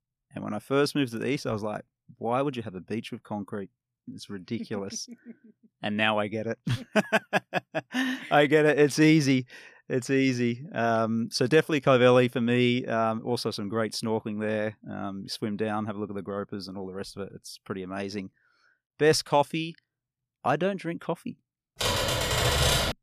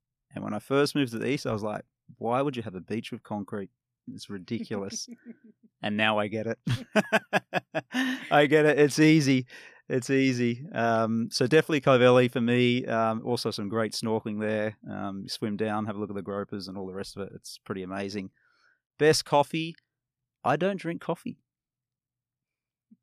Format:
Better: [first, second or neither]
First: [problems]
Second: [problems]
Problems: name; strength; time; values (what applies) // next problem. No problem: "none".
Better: second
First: keyboard typing; loud; from 22 s on; peak 5 dB above the speech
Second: none